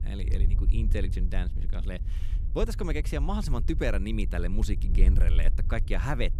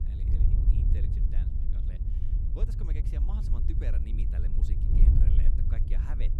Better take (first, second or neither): first